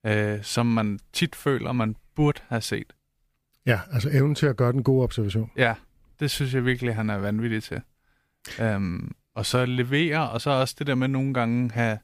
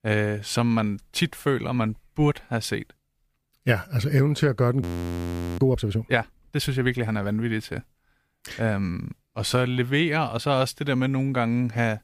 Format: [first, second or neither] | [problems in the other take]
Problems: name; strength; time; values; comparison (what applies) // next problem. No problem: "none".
first | audio freezing; at 5 s for 1 s